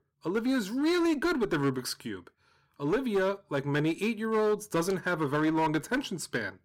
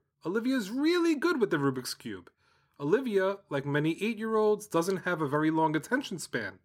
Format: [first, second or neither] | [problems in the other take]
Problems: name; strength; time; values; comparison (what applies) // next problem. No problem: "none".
second | distortion; slight; 10% of the sound clipped